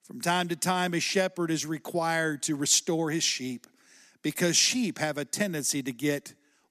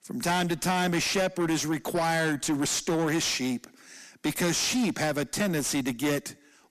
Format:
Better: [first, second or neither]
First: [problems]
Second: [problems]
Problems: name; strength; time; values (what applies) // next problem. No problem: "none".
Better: first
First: none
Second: distortion; heavy; 6 dB below the speech